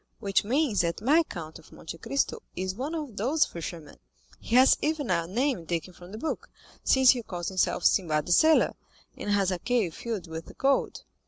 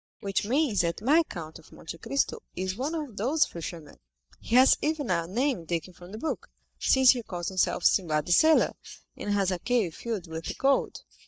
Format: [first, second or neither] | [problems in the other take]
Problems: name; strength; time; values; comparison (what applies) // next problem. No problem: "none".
first | noise reduction (neural mask model DeepFilterNet 3)